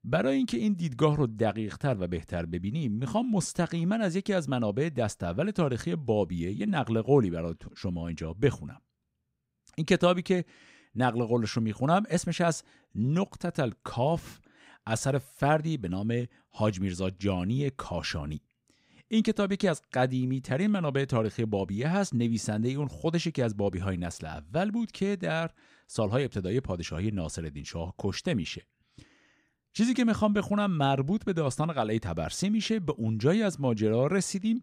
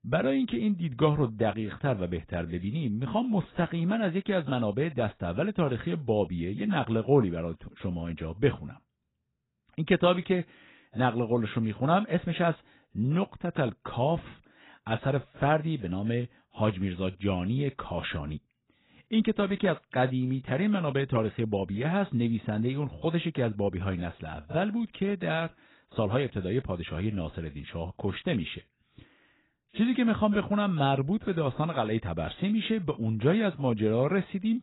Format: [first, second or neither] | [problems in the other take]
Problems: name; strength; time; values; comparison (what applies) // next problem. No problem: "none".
first | garbled, watery; badly; nothing above 4 kHz